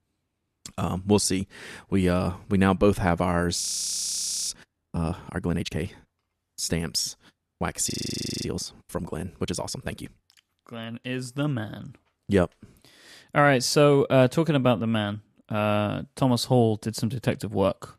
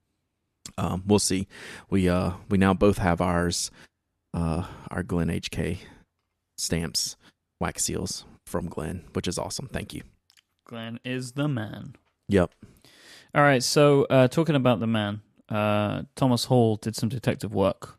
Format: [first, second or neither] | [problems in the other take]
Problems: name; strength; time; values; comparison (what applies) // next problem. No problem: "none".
second | audio freezing; at 3.5 s for 1 s and at 8 s for 0.5 s